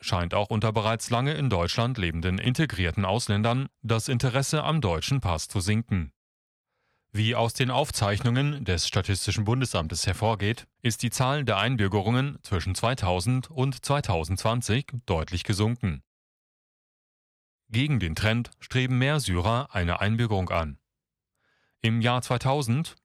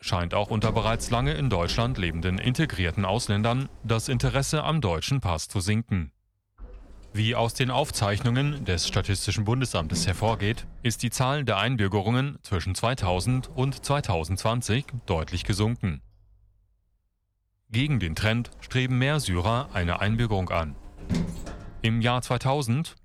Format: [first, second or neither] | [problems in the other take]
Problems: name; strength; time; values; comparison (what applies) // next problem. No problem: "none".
first | household noises; noticeable; throughout; 15 dB below the speech